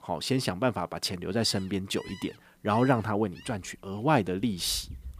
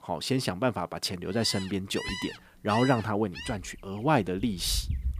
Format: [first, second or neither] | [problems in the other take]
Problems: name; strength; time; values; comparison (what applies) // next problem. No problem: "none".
first | animal sounds; loud; from 1.5 s on; 10 dB below the speech; faint in the first